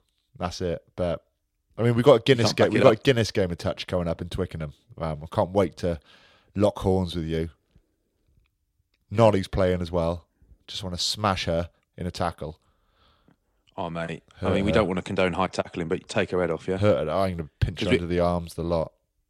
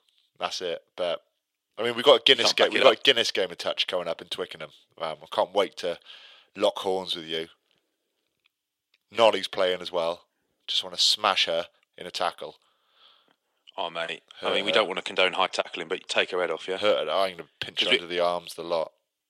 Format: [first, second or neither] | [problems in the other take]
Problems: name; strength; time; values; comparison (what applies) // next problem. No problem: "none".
first | thin; somewhat; fading below 500 Hz